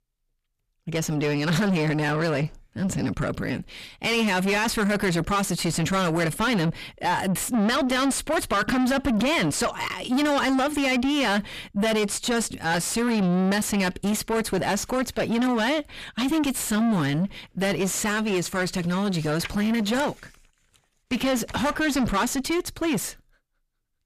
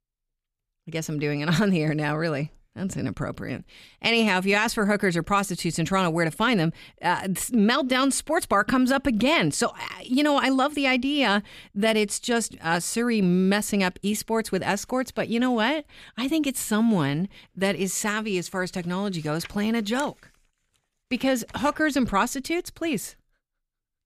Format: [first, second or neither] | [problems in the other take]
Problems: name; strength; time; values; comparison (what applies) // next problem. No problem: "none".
second | distortion; heavy; 5 dB below the speech